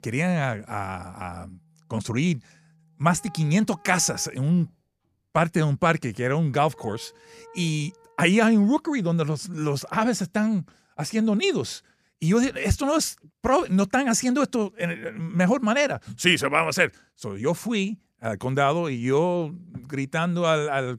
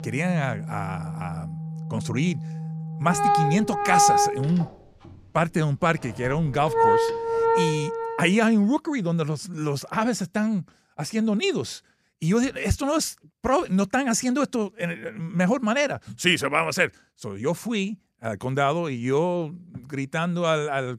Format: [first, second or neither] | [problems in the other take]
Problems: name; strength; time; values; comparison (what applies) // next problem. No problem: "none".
first | background music; loud; until 7.5 s; as loud as the speech; faint in the first